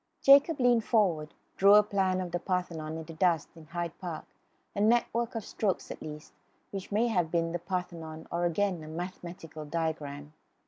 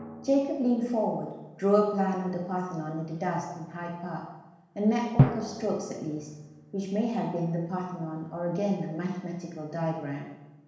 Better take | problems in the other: first | background sound (Drum); 6 dB below the speech // room echo; dies away in 1.1 s

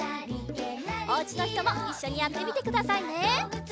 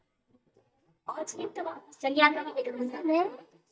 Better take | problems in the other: first | noise reduction (neural mask model DeepFilterNet 3)

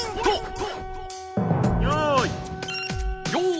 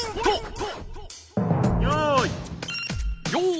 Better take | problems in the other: second | background sound (Wind instrument, woodwind instrument); 12 dB below the speech

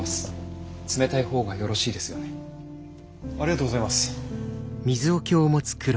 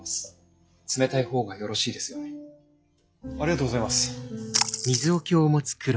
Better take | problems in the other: first | noise reduction (classical method log-MMSE)

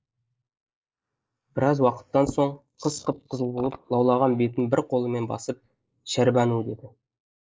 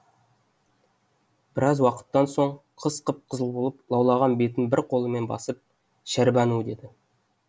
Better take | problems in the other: second | noise reduction (neural mask model Resemble Enhance denoiser)

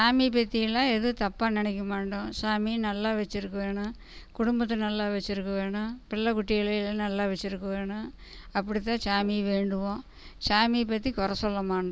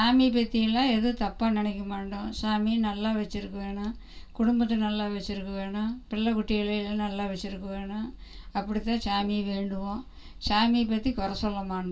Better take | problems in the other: first | room echo; dies away in 0.2 s

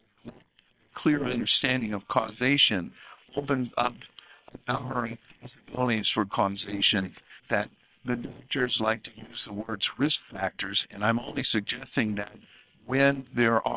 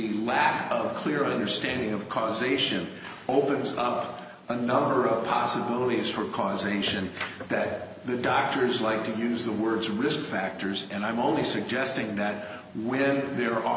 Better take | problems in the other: second | noise reduction (neural separator model SepFormer WHAM!)

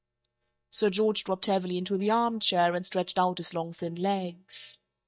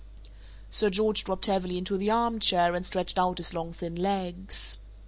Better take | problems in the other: second | noise reduction (neural mask model DeepFilterNet 3)

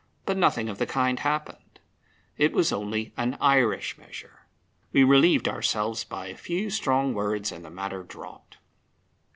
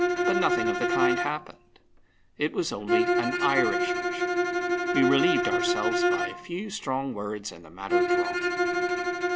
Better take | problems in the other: first | background sound (Bowed string instrument); 4 dB above the speech

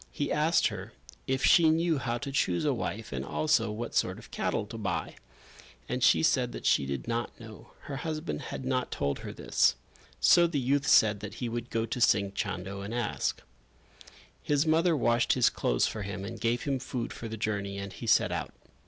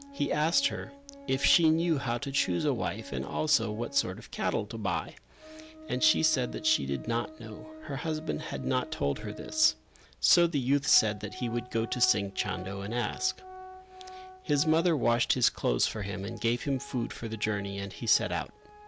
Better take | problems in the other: first | background sound (Organ); 17 dB below the speech

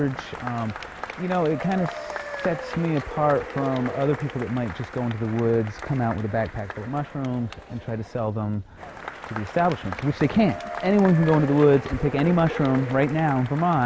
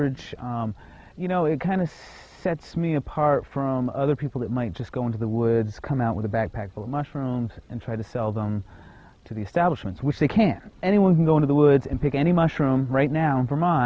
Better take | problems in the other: second | background sound (Applause / Crowd / Cheering); 12 dB below the speech

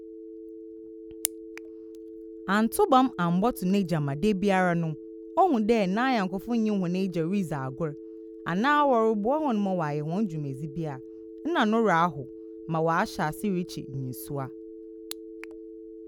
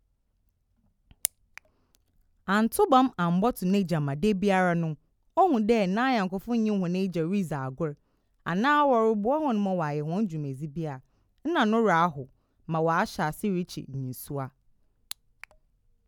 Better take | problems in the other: second | background sound (Telephone); 15 dB below the speech

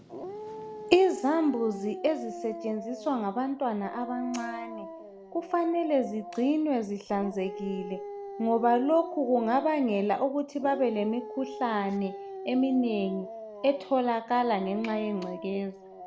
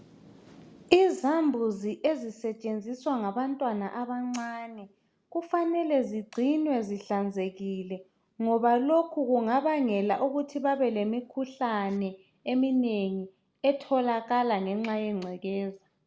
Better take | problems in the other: second | background sound (Dog); 12 dB below the speech

